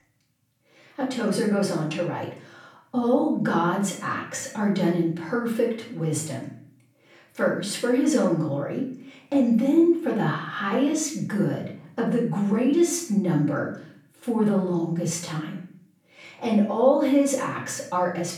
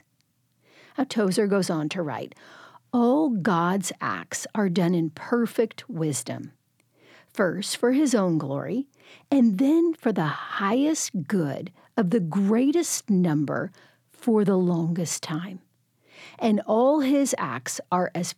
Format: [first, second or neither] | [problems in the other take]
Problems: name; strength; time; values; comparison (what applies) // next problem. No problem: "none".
second | off-mic speech; far // room echo; noticeable; dies away in 0.5 s